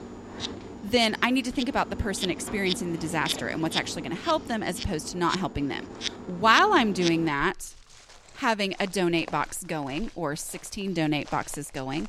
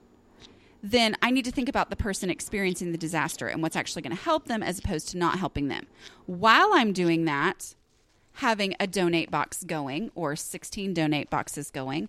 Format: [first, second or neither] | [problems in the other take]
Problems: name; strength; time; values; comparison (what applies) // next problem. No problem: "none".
second | animal sounds; loud; throughout; 9 dB below the speech; faint in the second